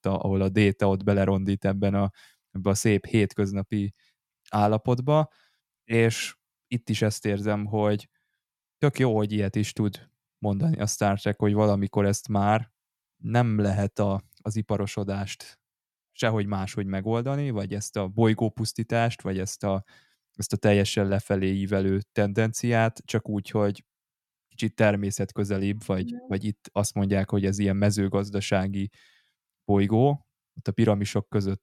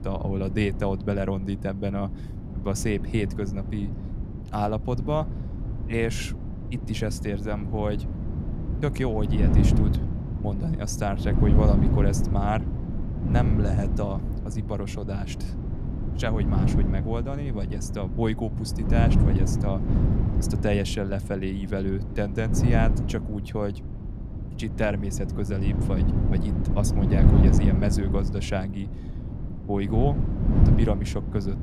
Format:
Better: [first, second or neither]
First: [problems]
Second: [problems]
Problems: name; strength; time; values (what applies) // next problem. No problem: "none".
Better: first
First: none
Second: wind noise on the microphone; heavy; 5 dB below the speech